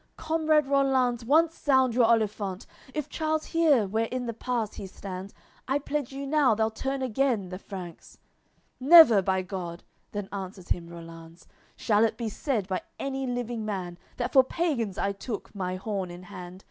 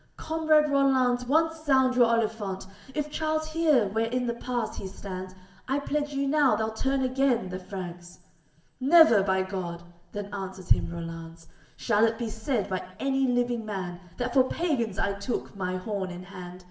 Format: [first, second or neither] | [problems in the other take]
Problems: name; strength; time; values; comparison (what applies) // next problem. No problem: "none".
first | room echo; dies away in 0.7 s